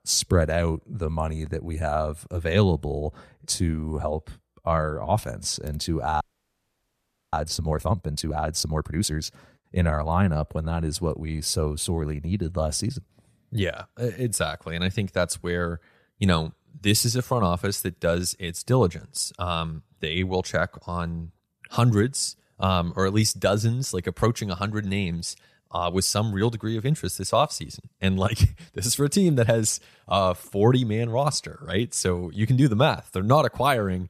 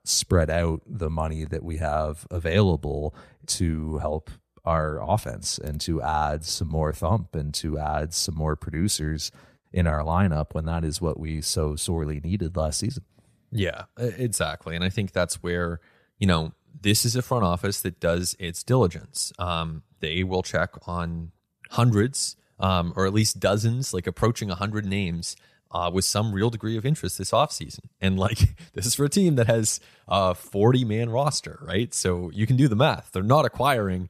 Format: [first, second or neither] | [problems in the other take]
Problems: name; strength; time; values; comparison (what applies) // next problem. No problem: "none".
second | audio freezing; at 6 s for 1 s